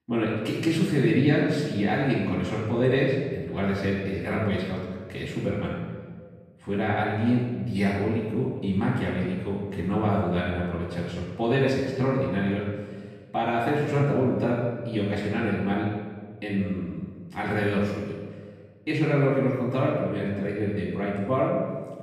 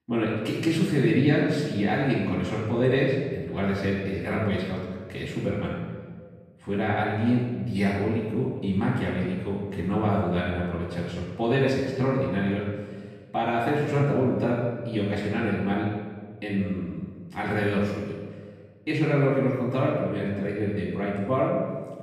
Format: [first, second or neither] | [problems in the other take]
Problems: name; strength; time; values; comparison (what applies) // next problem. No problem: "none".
neither | room echo; strong; dies away in 1.3 s; the same in both // off-mic speech; far; the same in both